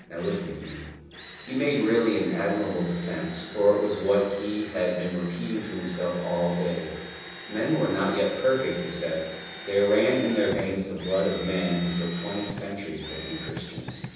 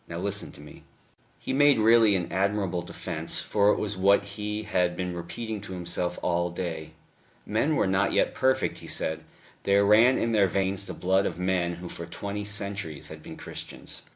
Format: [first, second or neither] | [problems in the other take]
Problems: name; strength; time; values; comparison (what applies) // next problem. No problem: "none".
second | background sound (Drill); 14 dB below the speech // room echo; dies away in 1.1 s